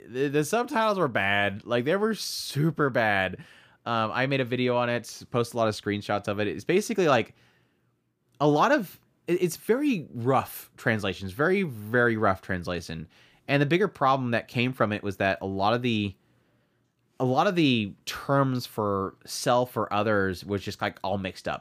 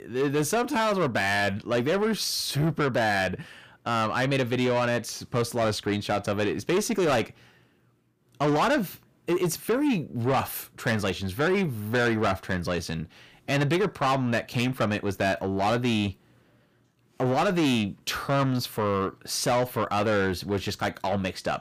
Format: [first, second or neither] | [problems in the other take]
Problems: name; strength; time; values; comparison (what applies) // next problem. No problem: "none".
first | distortion; heavy; 8 dB below the speech